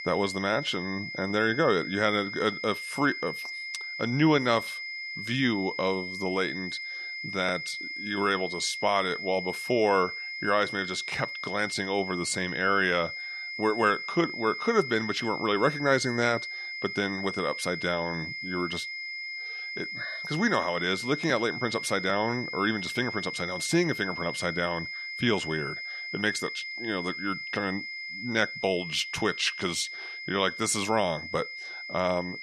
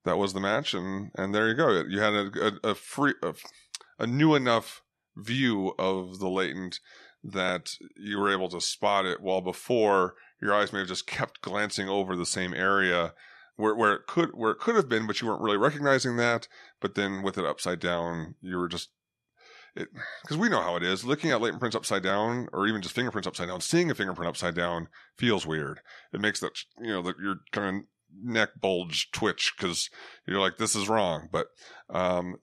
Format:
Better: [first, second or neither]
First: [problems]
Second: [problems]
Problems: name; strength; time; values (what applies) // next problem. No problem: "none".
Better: second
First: high-pitched whine; loud; throughout; 2 kHz, 6 dB below the speech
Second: none